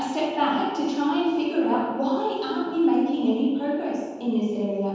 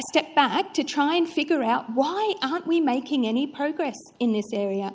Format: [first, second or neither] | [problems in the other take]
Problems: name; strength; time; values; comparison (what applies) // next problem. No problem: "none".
second | room echo; dies away in 1.2 s